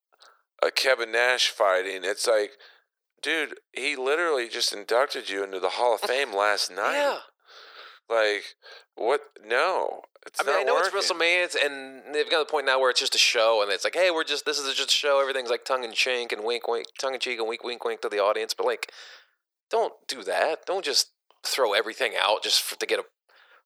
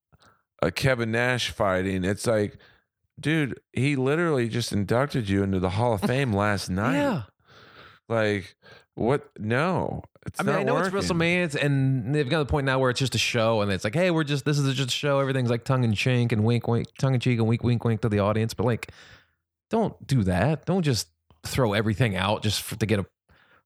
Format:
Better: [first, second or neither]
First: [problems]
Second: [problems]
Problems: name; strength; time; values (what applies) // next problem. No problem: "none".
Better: second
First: thin; very; fading below 400 Hz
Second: none